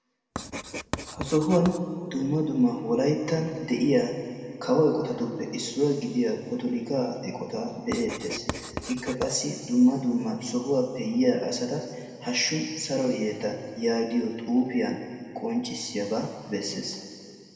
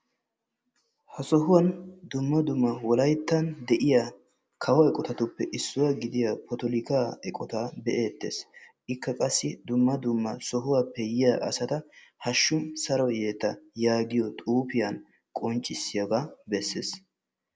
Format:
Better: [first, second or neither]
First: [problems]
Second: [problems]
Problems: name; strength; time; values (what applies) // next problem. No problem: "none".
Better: second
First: background sound (Writing); 11 dB below the speech // room echo; dies away in 2.2 s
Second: none